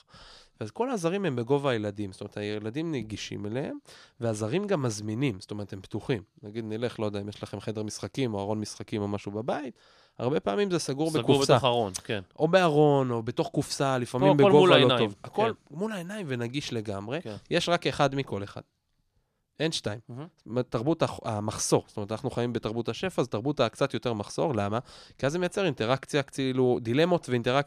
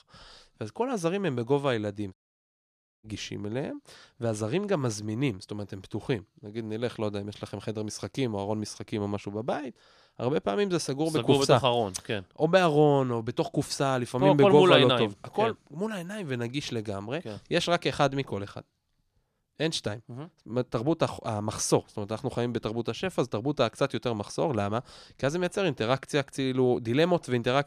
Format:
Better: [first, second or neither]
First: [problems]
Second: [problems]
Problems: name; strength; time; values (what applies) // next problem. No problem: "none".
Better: first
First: none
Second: audio cutting out; at 2 s for 1 s